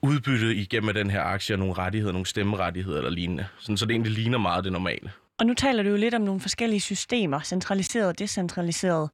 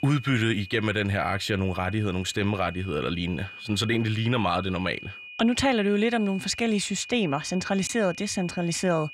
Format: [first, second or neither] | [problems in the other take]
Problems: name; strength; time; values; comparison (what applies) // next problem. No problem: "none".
first | high-pitched whine; noticeable; throughout; 2.5 kHz, 15 dB below the speech